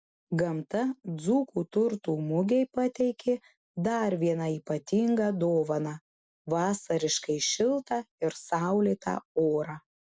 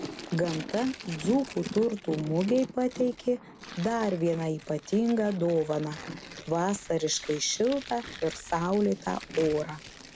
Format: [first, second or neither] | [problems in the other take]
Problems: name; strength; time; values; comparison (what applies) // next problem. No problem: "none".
first | background sound (Tearing + Thunder); 13 dB below the speech